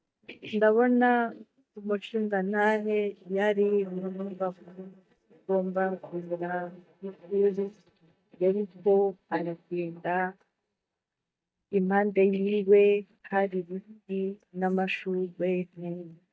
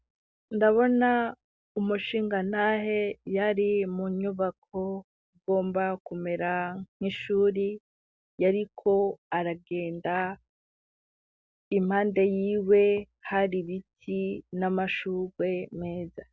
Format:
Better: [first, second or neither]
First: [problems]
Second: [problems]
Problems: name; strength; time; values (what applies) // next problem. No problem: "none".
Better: second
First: noise reduction (neural mask model DeepFilterNet 3)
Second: none